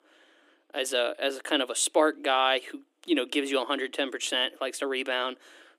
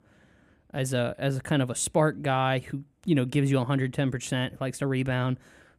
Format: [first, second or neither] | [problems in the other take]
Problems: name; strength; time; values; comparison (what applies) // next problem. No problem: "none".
second | thin; somewhat; fading below 300 Hz